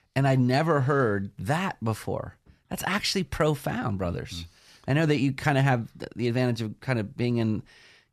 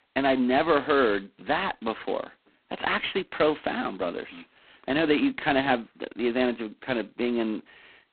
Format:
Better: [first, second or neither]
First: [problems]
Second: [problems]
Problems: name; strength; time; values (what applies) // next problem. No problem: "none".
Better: first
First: none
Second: phone-call audio; poor line; nothing above 4 kHz